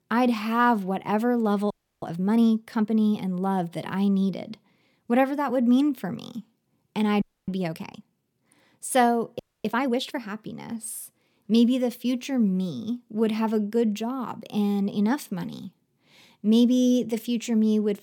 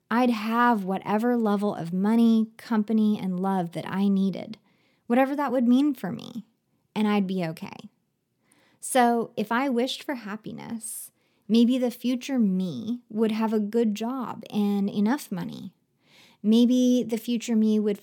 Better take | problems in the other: second | audio freezing; at 1.5 s, at 7 s and at 9.5 s

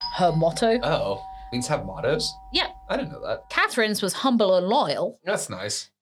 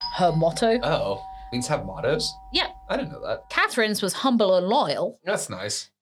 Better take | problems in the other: neither | doorbell; noticeable; until 3.5 s; peak 8 dB below the speech; the same in both

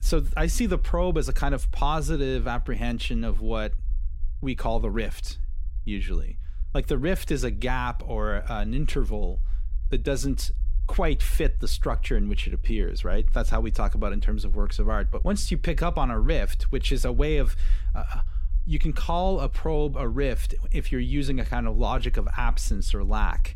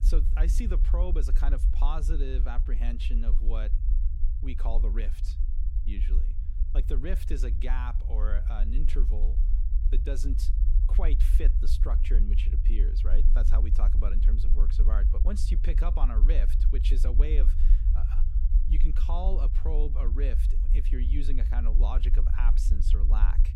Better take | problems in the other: first | low rumble; loud; throughout; 8 dB below the speech; faint in the first

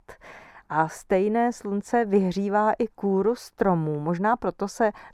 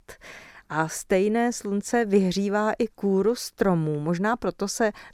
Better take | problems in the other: second | muffled; slightly; fading above 2.5 kHz

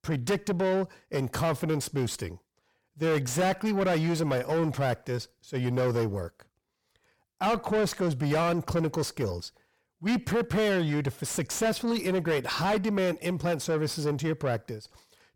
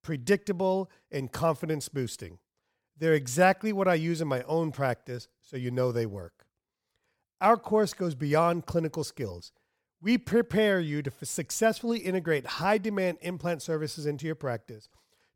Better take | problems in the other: second | distortion; heavy; 6 dB below the speech

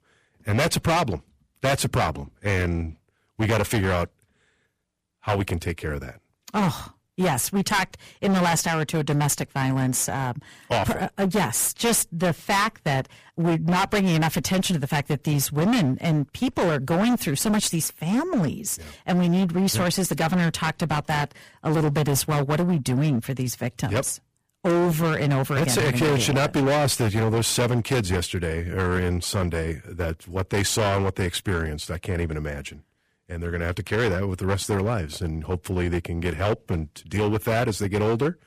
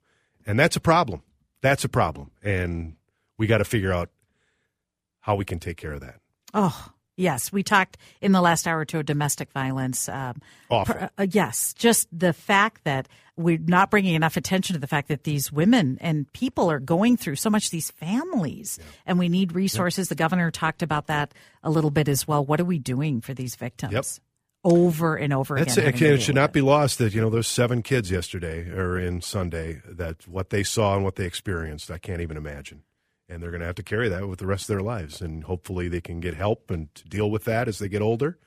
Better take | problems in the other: second | distortion; heavy; 18% of the sound clipped

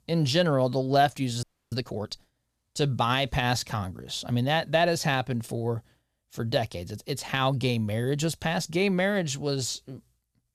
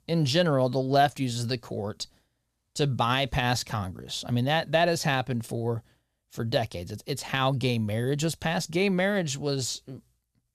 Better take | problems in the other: second | audio freezing; at 1.5 s

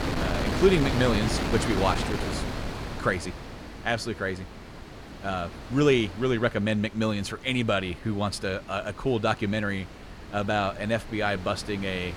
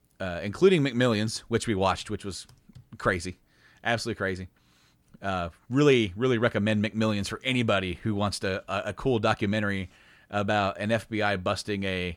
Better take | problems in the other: second | wind noise on the microphone; heavy; 7 dB below the speech

